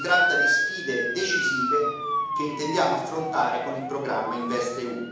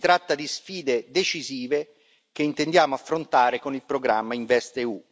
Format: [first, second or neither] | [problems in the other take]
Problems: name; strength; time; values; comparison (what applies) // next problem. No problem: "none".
second | background sound (Motor vehicle (road) / Siren); 1 dB above the speech // room echo; dies away in 1 s